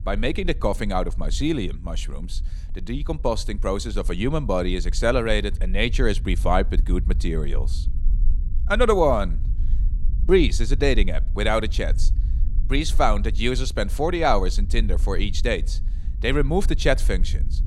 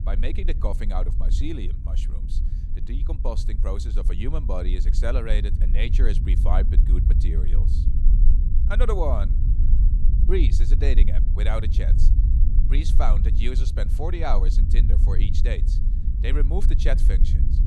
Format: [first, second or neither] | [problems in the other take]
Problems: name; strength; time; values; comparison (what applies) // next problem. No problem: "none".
first | low rumble; loud; throughout; 9 dB below the speech; faint in the first